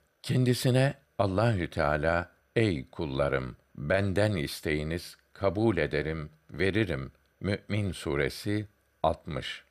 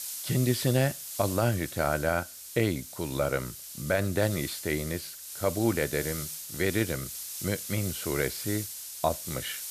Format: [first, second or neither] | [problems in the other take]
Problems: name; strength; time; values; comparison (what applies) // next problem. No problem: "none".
first | hiss; loud; throughout; 7 dB below the speech